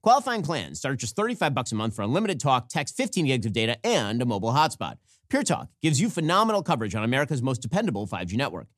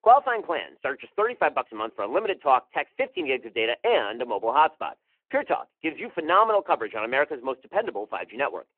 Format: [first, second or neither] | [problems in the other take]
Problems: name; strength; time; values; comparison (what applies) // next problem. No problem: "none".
first | phone-call audio